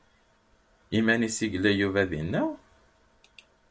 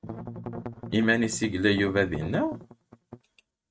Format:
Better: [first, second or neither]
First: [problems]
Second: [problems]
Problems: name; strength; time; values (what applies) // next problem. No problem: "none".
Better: first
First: none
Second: noise reduction (neural mask model RNNoise)